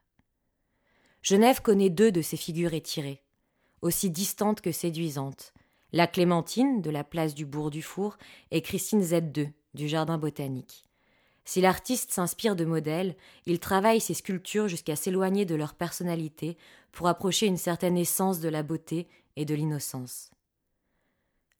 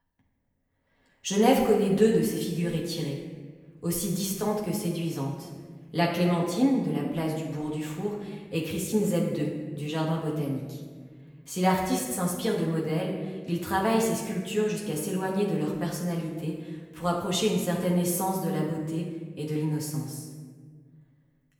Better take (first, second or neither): first